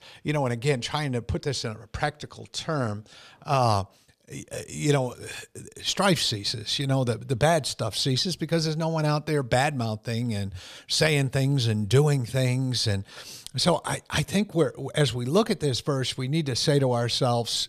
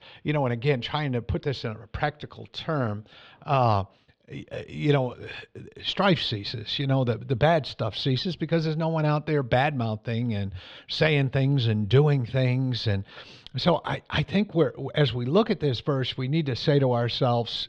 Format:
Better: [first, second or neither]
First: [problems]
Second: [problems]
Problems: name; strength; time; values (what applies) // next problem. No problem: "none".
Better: first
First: none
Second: muffled; slightly; fading above 3.5 kHz